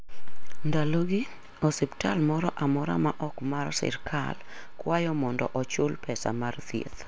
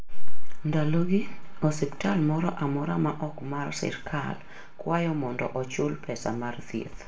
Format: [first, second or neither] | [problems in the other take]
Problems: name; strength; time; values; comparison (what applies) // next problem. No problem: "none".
first | room echo; dies away in 0.4 s